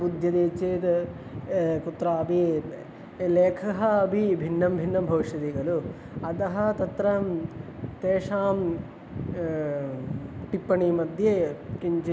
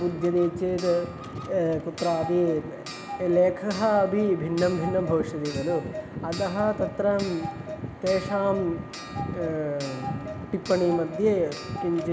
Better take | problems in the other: first | background sound (Clock); 13 dB below the speech

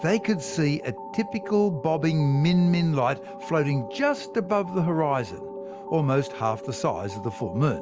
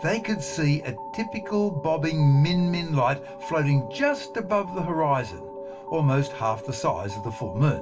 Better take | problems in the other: first | room echo; dies away in 0.2 s

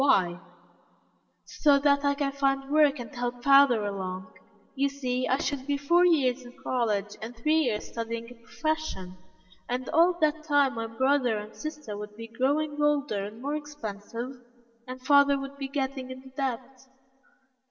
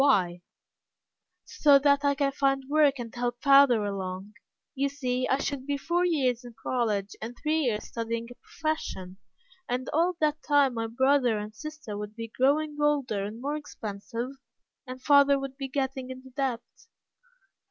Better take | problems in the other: second | room echo; dies away in 1.1 s

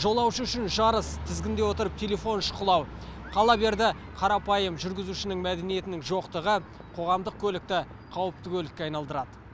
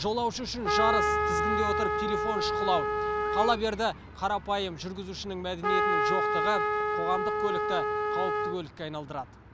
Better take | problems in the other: first | background sound (Trumpet); 3 dB above the speech

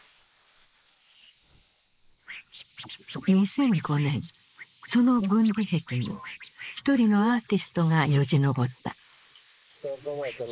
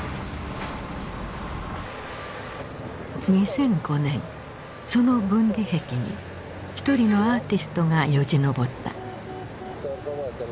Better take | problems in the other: second | noise reduction (neural mask model Resemble Enhance denoiser)

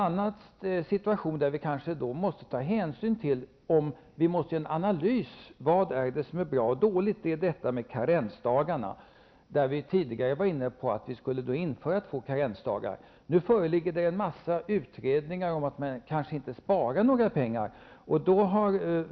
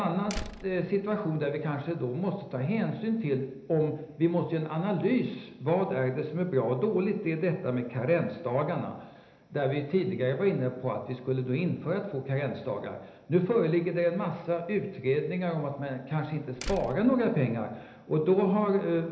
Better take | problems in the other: first | background sound (Slam); 11 dB below the speech // room echo; dies away in 1 s

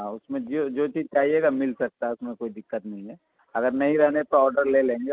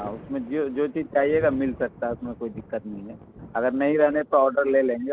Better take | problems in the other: first | background sound (Thunder); 19 dB below the speech

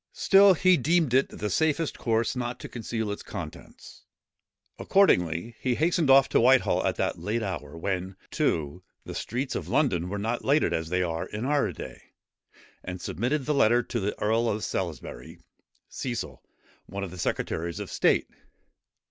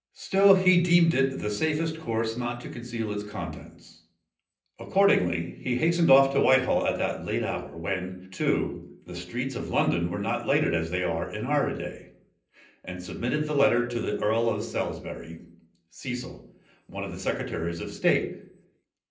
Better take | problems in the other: first | room echo; dies away in 0.6 s

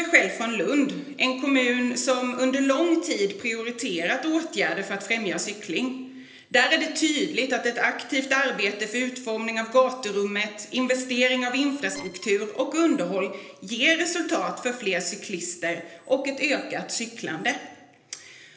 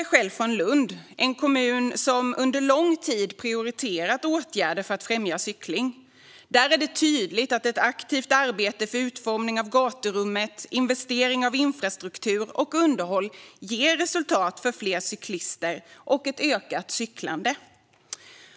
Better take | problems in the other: second | noise reduction (neural separator model SepFormer DNS4)

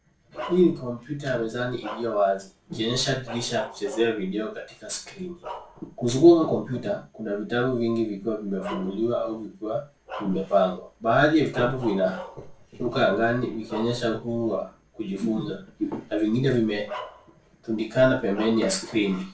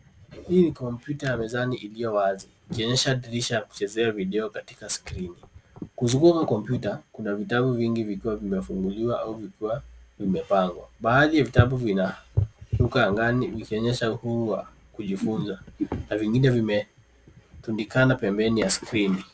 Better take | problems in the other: second | noise reduction (neural separator model SepFormer DNS4)

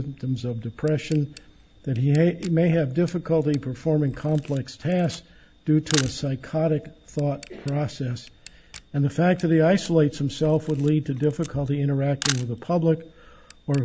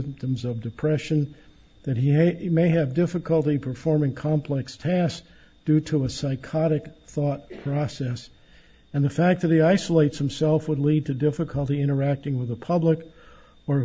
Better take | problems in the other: second | background sound (Camera); 17 dB below the speech

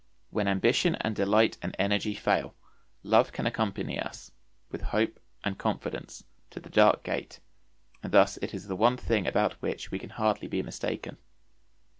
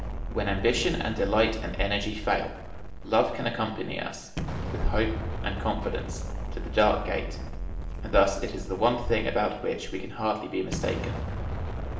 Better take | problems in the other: first | background sound (Explosion); 6 dB below the speech // room echo; dies away in 0.8 s

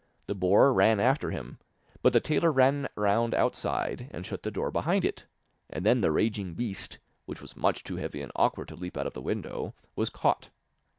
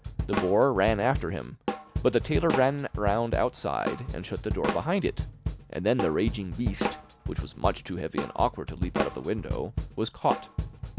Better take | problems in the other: first | background sound (Drum kit); 5 dB below the speech

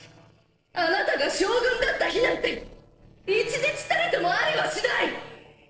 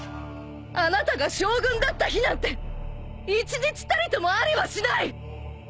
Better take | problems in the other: second | noise reduction (neural separator model SepFormer DNS4)

